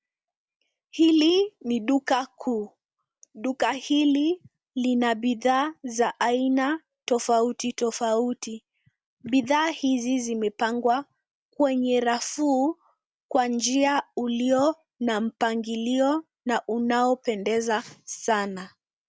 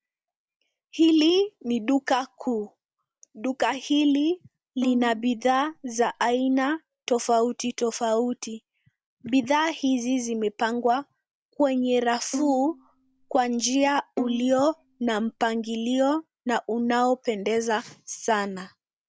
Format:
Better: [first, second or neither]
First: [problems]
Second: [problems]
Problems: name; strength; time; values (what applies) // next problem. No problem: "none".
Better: first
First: none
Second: background sound (Bowed string instrument); 12 dB below the speech